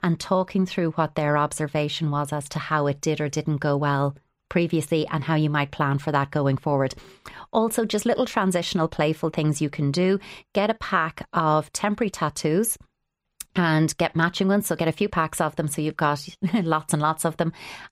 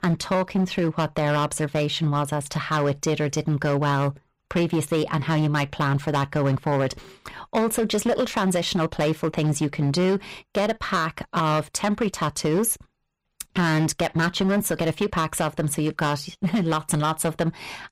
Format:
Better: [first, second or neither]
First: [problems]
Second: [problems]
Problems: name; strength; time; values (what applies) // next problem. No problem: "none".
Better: first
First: none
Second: distortion; slight; 11% of the sound clipped